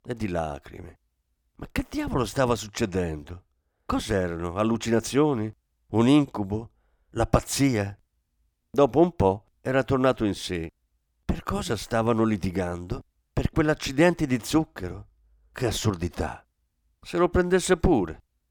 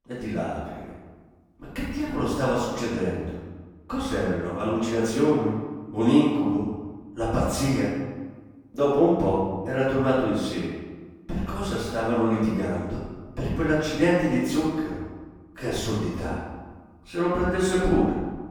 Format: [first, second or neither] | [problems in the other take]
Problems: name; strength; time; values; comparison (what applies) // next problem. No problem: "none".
first | off-mic speech; far // room echo; strong; dies away in 1.1 s